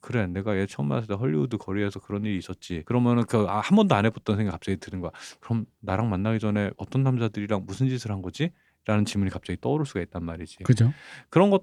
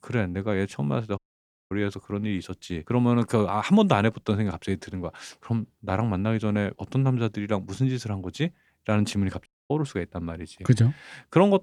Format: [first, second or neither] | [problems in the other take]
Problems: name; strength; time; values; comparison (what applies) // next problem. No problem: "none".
first | audio cutting out; at 1 s for 0.5 s and at 9.5 s